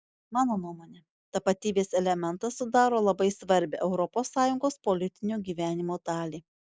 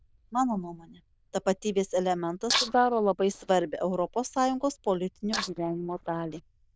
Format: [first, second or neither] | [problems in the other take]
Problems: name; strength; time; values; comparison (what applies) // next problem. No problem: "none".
first | noise reduction (neural diffusion model UNIVERSE++)